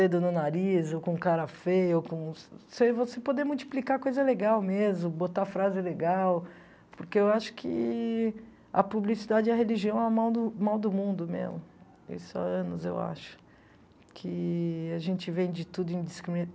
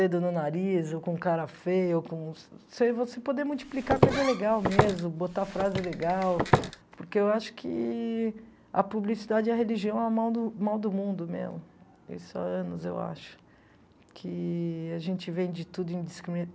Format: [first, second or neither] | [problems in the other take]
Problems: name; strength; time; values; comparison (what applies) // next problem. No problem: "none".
first | background sound (Walk, footsteps); 1 dB above the speech